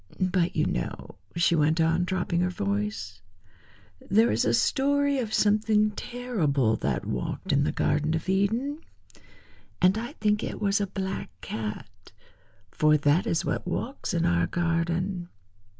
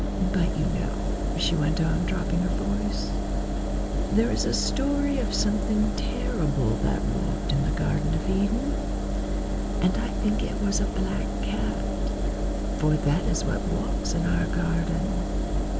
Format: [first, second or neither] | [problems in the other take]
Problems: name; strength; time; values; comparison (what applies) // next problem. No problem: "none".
first | background sound (Engine); 2 dB above the speech